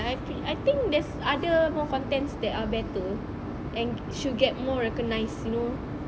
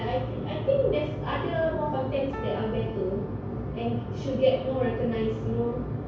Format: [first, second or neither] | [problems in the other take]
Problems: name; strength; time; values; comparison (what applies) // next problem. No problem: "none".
first | background sound (Piano); 15 dB below the speech // room echo; dies away in 0.6 s